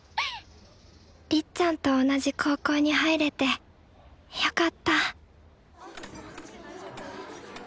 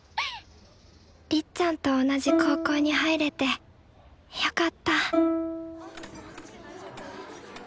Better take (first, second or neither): first